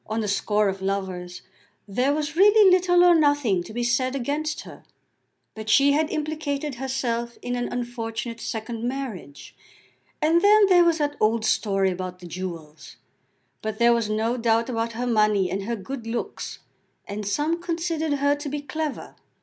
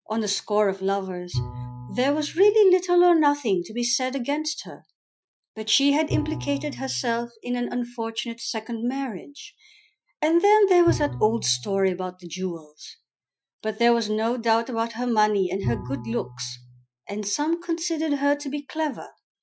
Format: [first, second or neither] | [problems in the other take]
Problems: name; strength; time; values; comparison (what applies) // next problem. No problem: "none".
first | noise reduction (classical method Wiener filter)